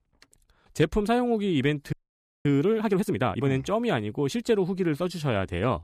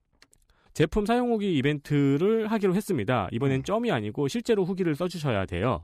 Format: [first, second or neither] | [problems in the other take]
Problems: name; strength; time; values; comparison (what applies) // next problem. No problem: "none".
second | audio freezing; at 2 s for 0.5 s